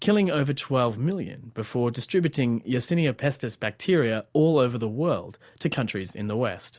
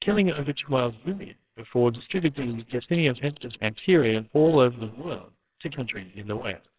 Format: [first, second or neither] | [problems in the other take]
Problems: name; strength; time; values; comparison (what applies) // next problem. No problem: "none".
first | noise reduction (neural separator model SepFormer WHAMR!)